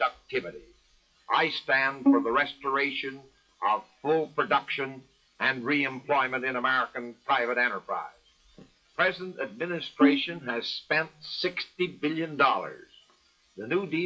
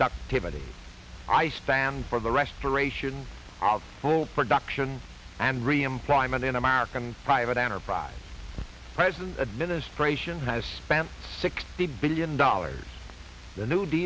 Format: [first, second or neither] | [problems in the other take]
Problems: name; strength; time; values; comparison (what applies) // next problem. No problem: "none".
second | noise reduction (classical method WPE with log-MMSE)